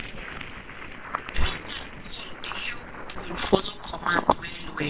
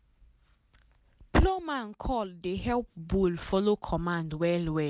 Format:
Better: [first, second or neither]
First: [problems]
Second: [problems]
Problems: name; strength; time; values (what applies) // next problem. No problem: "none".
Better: second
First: noise reduction (neural separator model SepFormer WHAMR!)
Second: none